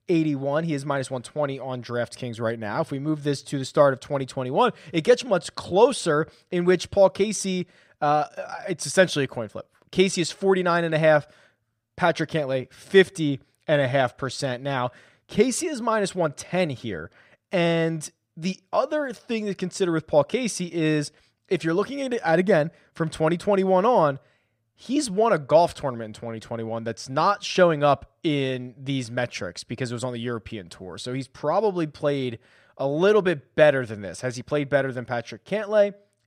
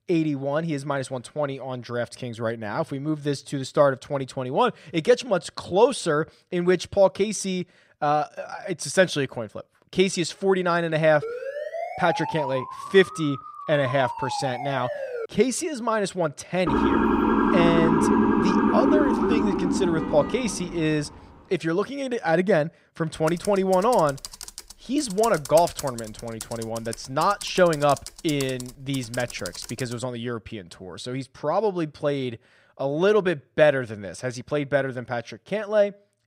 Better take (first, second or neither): first